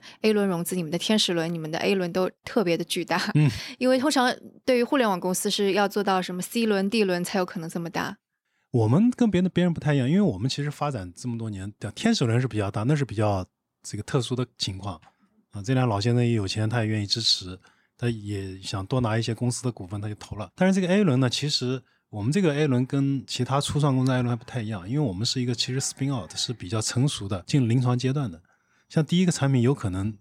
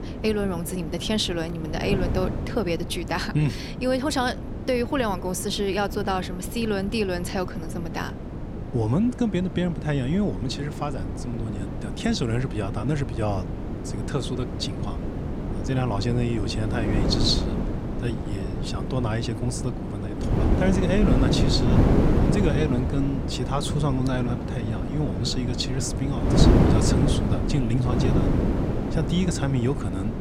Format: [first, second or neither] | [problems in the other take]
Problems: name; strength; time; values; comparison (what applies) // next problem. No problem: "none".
first | wind noise on the microphone; heavy; 4 dB below the speech